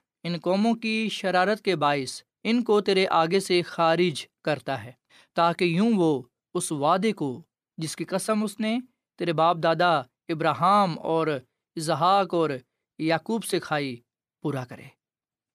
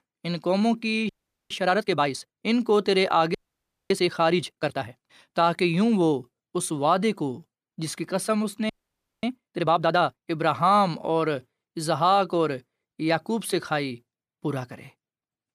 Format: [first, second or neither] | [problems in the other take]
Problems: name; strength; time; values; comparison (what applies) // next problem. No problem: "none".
first | audio freezing; at 1 s, at 3.5 s for 0.5 s and at 8.5 s for 0.5 s